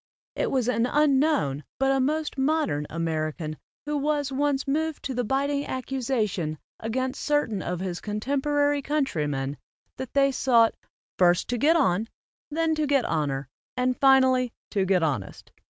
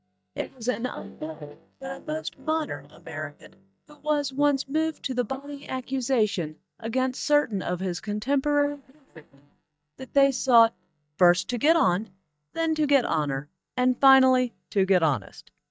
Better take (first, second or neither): first